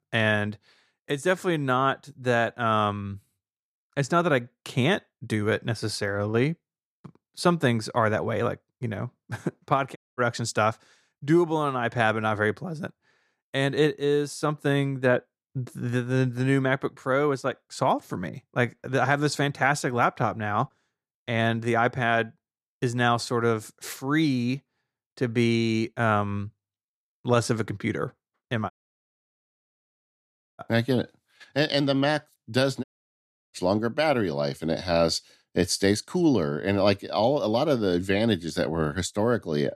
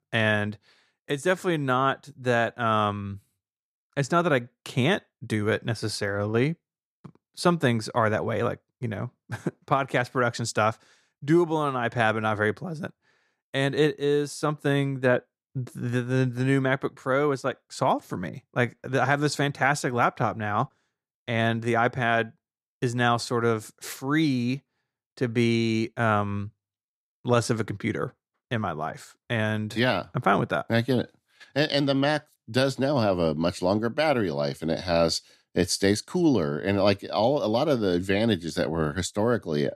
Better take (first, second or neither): second